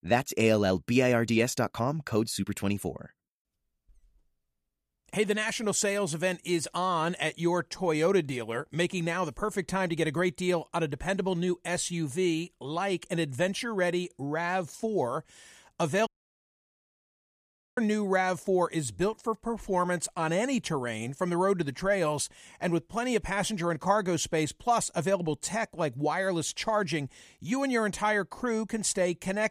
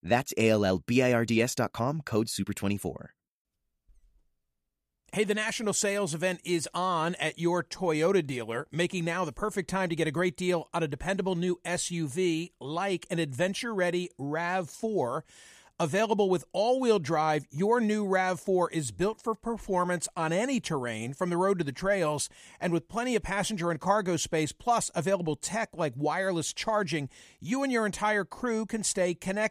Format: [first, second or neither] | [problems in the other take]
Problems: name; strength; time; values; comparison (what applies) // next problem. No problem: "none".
second | audio cutting out; at 16 s for 1.5 s